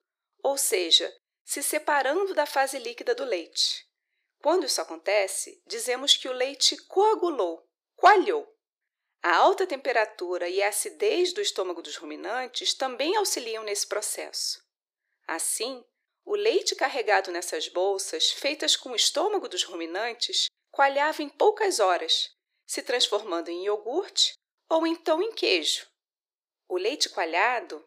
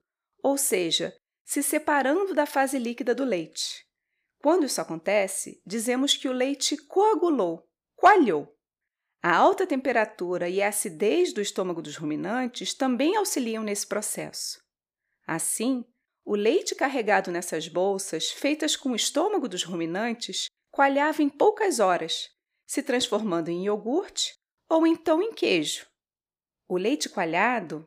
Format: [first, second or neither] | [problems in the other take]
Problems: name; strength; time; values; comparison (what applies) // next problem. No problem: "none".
second | thin; very; fading below 350 Hz